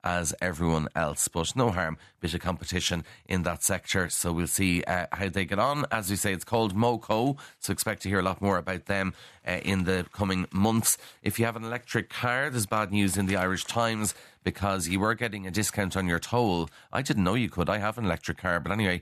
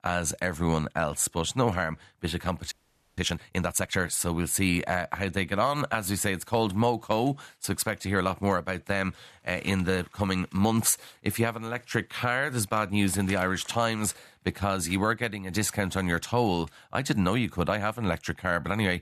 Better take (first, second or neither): first